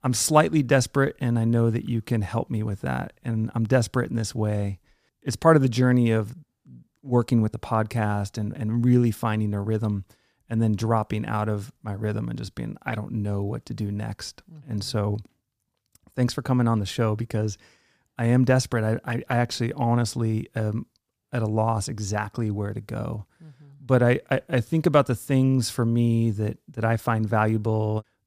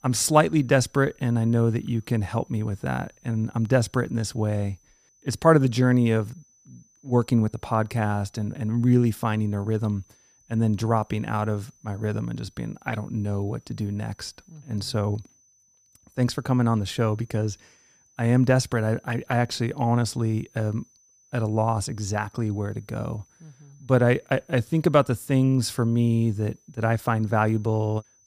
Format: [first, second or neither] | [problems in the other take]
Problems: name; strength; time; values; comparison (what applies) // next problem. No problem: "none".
first | high-pitched whine; faint; throughout; 6 kHz, 35 dB below the speech